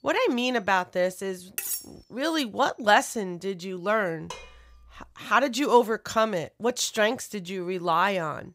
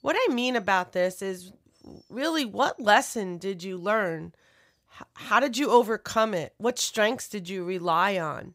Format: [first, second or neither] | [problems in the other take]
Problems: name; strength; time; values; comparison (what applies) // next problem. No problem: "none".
second | clattering dishes; noticeable; at 1.5 s; peak 4 dB below the speech // clattering dishes; faint; at 4.5 s; peak 15 dB below the speech